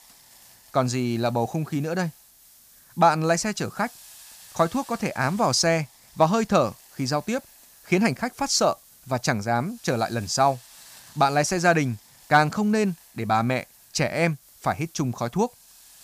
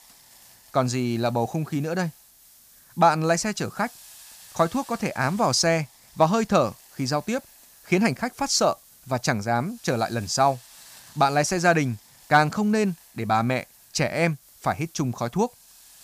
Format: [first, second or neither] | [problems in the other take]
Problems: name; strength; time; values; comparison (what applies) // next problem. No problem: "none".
neither | hiss; faint; throughout; 25 dB below the speech; the same in both